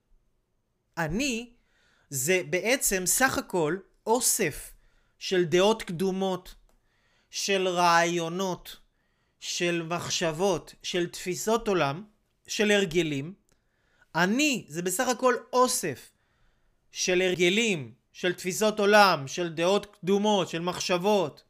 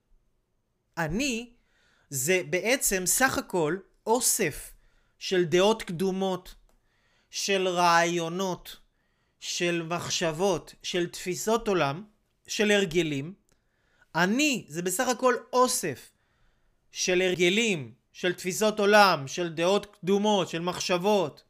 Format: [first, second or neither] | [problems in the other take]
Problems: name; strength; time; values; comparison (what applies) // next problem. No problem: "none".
neither | none